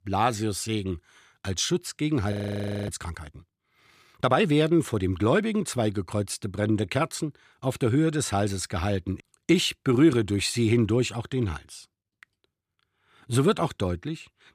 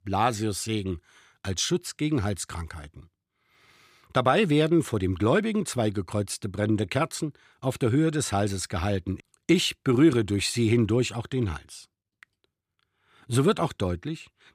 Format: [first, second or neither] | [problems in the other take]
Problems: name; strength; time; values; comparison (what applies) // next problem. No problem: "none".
second | audio freezing; at 2.5 s for 0.5 s